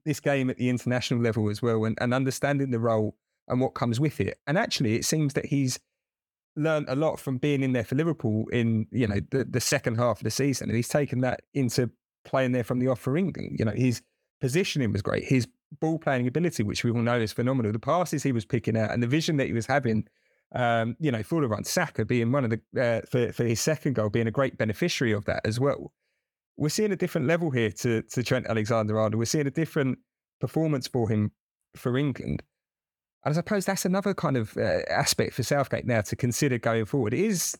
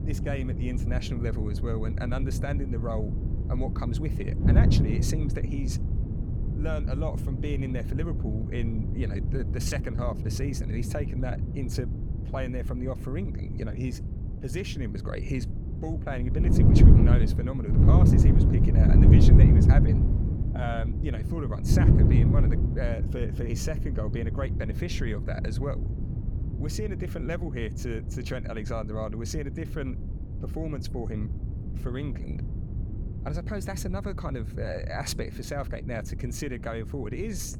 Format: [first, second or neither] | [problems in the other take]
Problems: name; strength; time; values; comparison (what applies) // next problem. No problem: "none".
first | wind noise on the microphone; heavy; 1 dB below the speech